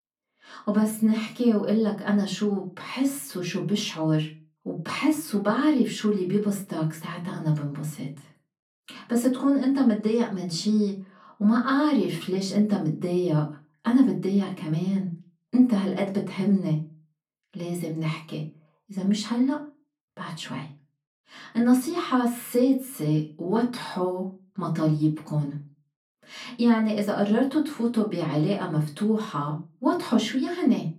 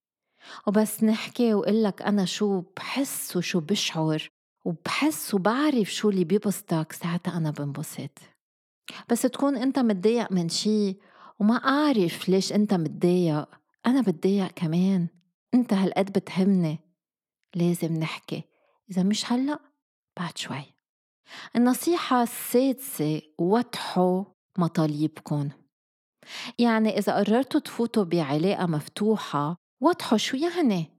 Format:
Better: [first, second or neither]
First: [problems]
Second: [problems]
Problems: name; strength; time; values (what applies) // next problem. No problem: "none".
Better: second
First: off-mic speech; far // room echo; very slight; dies away in 0.3 s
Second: none